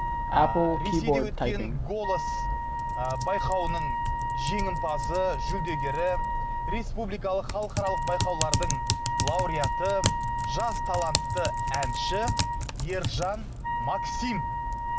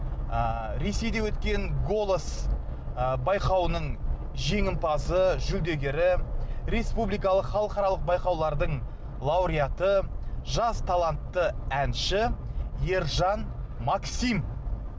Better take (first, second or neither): second